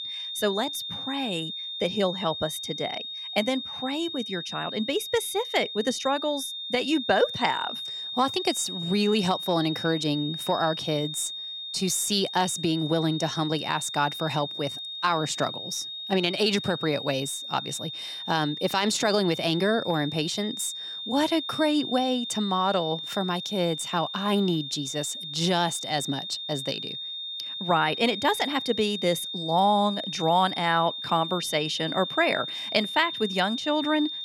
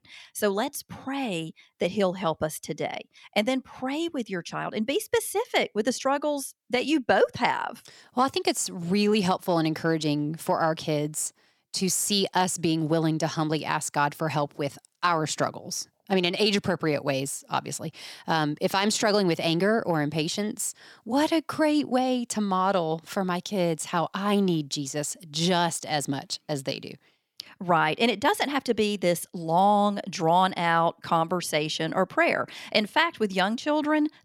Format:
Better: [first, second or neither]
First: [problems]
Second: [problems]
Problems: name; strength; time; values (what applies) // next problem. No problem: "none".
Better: second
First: high-pitched whine; loud; throughout; 3.5 kHz, 6 dB below the speech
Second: none